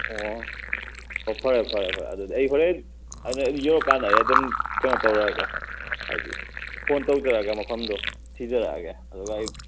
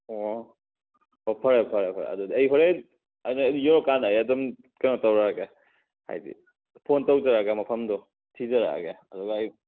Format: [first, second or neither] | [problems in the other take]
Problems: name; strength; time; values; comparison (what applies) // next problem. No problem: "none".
second | background sound (Fill (with liquid)); 3 dB below the speech